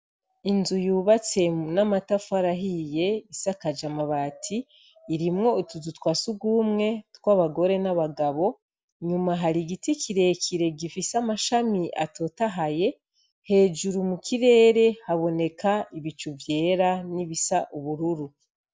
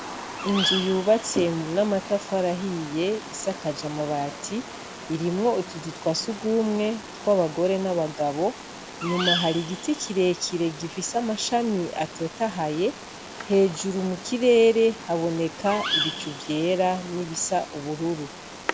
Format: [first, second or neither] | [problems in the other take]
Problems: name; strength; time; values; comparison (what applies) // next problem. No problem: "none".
first | background sound (Bird vocalization, bird call, bird song); 9 dB below the speech